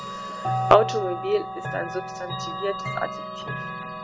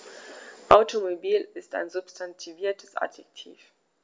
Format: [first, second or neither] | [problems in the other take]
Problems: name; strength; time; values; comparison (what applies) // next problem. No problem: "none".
second | background sound (Chime / Clock); 4 dB below the speech